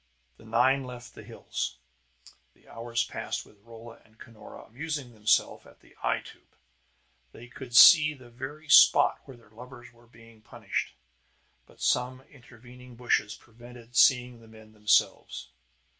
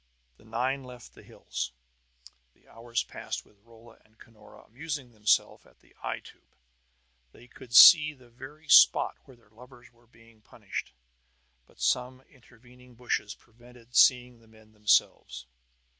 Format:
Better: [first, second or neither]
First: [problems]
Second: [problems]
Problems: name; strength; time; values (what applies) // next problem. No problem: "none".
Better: second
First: room echo; dies away in 0.2 s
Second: none